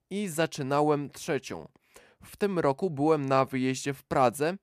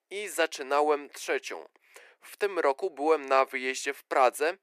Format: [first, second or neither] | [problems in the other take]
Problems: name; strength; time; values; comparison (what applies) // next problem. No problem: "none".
first | thin; very; fading below 350 Hz